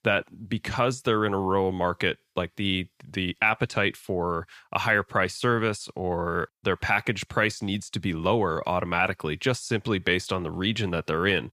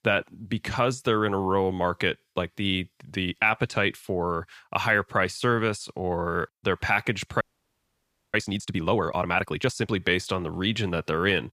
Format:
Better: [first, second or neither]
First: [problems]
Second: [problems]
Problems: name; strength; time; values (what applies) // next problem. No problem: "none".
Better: first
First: none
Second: audio freezing; at 7.5 s for 1 s